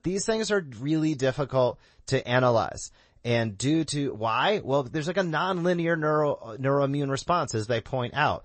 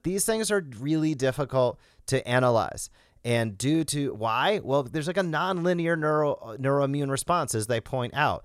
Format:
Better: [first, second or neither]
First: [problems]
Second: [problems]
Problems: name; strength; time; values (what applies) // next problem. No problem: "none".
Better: second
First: garbled, watery; slightly; nothing above 8 kHz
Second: none